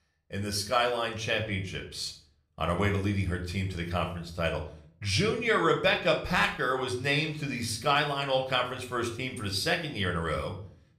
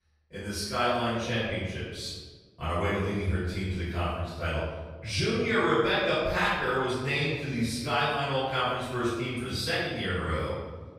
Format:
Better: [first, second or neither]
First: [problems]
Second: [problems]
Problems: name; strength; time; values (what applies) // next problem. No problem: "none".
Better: first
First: room echo; slight; dies away in 0.4 s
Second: room echo; strong; dies away in 1.3 s // off-mic speech; far